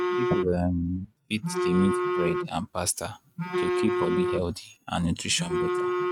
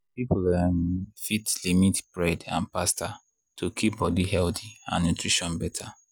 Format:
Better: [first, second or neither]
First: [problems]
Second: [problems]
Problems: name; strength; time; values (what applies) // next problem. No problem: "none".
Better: second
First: noise reduction (neural mask model RNNoise)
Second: none